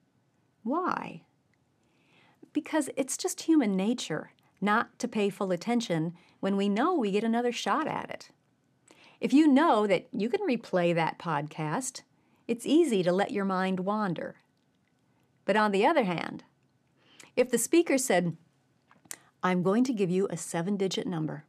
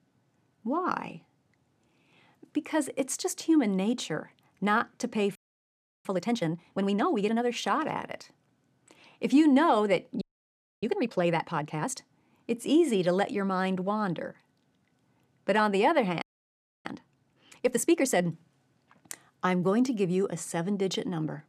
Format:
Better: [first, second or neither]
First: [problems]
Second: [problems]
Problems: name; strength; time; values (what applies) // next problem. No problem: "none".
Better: first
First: none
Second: audio freezing; at 5.5 s for 0.5 s, at 10 s for 0.5 s and at 16 s for 0.5 s